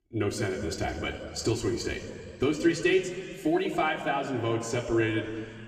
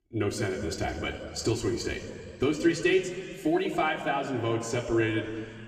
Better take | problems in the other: neither | room echo; slight; dies away in 2.3 s; the same in both // off-mic speech; somewhat distant; the same in both

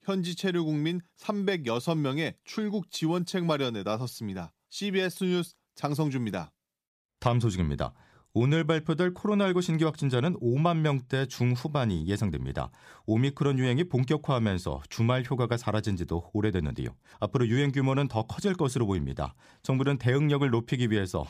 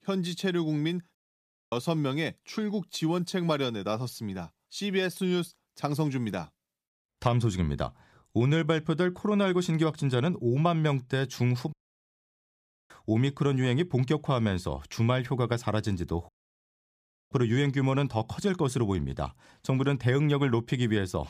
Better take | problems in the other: first | audio cutting out; at 1 s for 0.5 s, at 12 s for 1 s and at 16 s for 1 s

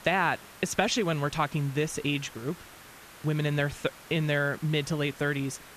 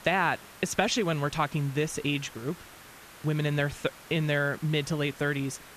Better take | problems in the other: neither | hiss; noticeable; throughout; 20 dB below the speech; the same in both

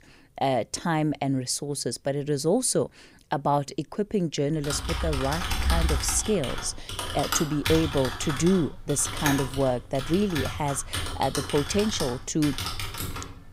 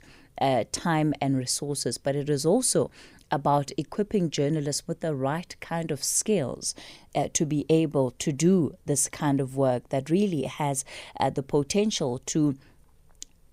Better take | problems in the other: second | keyboard typing; loud; from 4.5 s on; peak 1 dB above the speech

